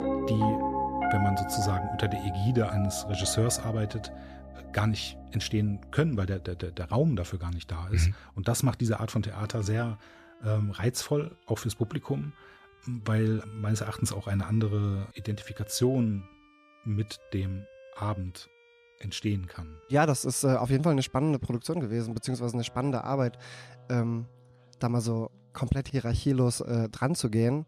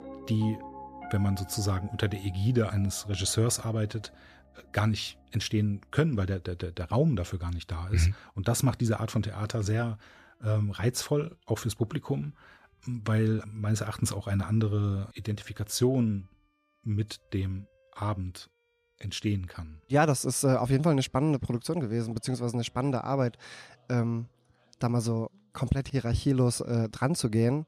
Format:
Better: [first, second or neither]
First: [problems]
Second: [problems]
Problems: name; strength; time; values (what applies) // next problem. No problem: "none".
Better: second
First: background music; loud; throughout; 6 dB below the speech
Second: background music; faint; throughout; 20 dB below the speech